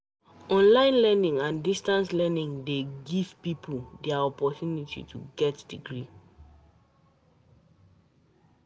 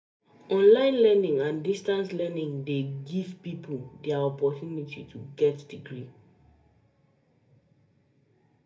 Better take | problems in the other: first | room echo; dies away in 0.3 s

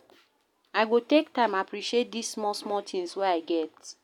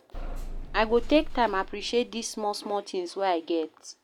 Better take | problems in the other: first | background sound (Bus / Engine); 8 dB below the speech

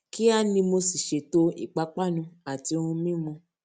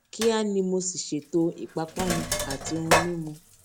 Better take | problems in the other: first | background sound (Sink (filling or washing)); 3 dB below the speech

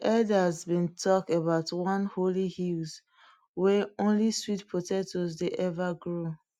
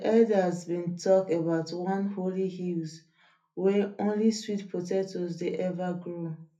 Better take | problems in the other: first | room echo; dies away in 0.3 s

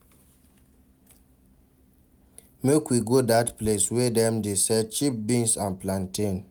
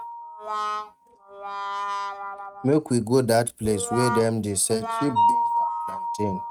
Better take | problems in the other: first | noise reduction (neural mask model RNNoise)

